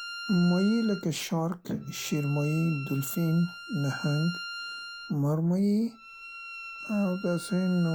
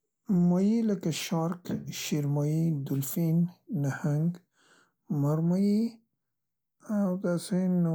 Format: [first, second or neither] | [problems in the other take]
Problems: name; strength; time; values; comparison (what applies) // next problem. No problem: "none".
second | background sound (Bowed string instrument); 13 dB below the speech